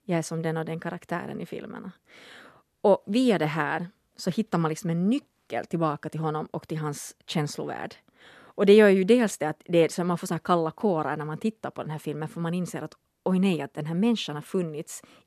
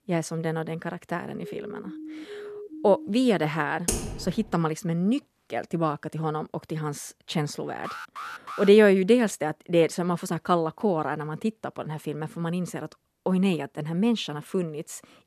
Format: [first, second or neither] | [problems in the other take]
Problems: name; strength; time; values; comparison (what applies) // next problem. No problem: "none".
first | siren; faint; from 1.5 to 3 s; peak 15 dB below the speech // keyboard typing; noticeable; at 4 s; peak 2 dB below the speech // alarm; faint; at 8 s; peak 10 dB below the speech